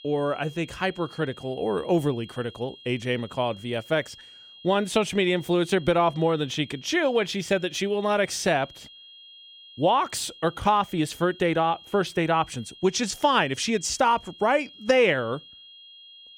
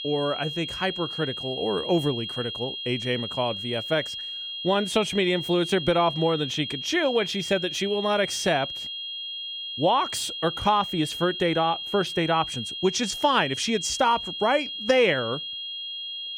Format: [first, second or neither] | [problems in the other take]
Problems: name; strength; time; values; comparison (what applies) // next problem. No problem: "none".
first | high-pitched whine; loud; throughout; 3.5 kHz, 6 dB below the speech; faint in the first